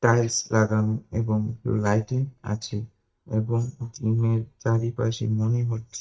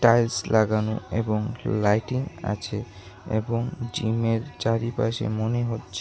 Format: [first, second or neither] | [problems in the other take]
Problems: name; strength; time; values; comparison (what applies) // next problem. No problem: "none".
second | noise reduction (neural mask model DeepFilterNet 3)